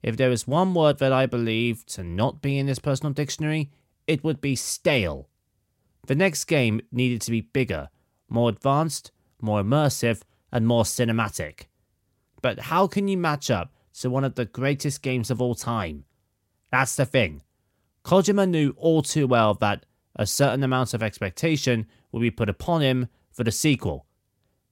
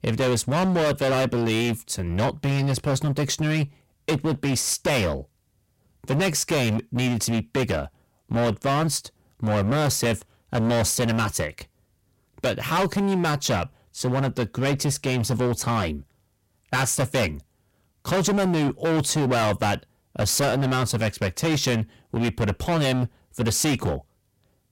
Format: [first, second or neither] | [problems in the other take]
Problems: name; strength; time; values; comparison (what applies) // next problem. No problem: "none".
first | distortion; heavy; 21% of the sound clipped